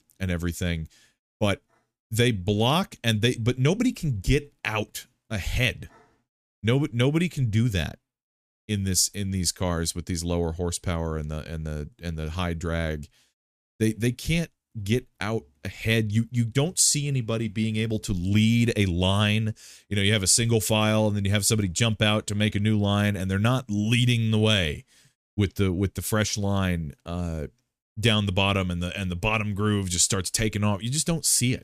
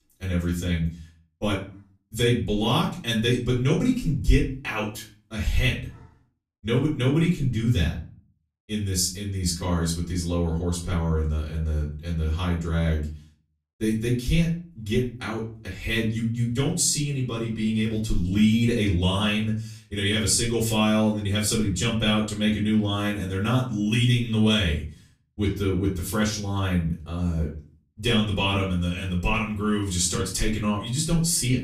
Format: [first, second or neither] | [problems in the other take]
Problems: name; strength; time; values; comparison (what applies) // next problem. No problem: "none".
first | off-mic speech; far // room echo; slight; dies away in 0.4 s